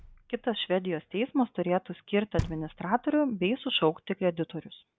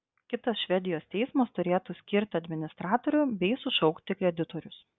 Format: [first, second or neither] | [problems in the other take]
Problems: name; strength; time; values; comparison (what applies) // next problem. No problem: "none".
second | background sound (Knock); 14 dB below the speech